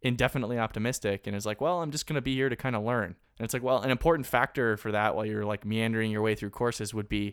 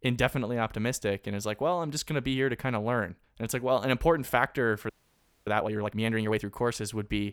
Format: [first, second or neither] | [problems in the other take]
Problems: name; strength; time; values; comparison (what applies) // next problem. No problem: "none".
first | audio freezing; at 5 s for 0.5 s